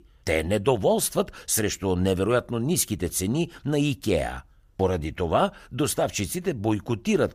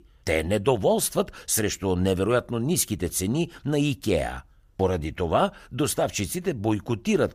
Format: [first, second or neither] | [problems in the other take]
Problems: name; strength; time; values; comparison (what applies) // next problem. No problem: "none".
neither | none